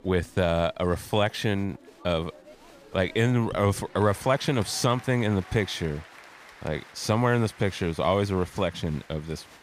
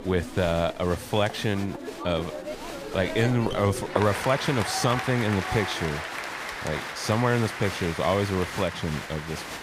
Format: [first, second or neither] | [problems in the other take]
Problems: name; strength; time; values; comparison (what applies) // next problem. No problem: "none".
first | crowd noise; loud; throughout; 6 dB below the speech; faint in the first